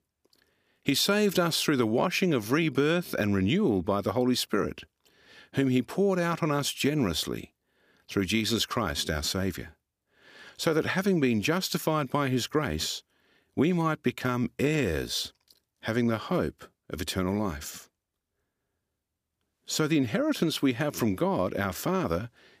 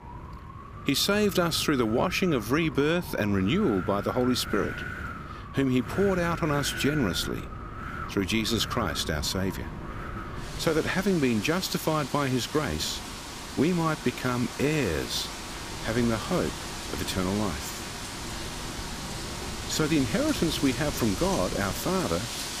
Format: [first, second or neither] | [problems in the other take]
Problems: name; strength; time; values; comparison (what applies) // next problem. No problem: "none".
first | wind in the background; loud; throughout; 9 dB below the speech